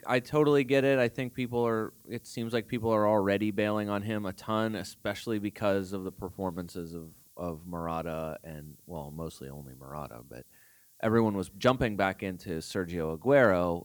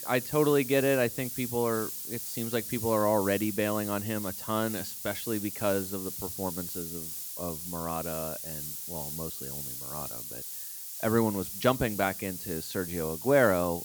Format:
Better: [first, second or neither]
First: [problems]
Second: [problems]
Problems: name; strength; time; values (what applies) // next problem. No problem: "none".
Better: first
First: hiss; faint; throughout; 25 dB below the speech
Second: hiss; loud; throughout; 6 dB below the speech